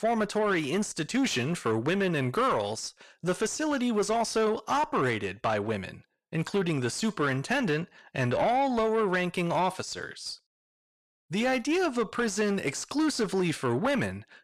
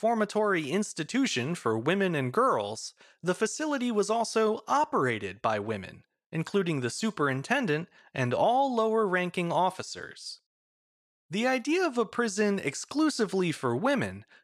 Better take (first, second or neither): second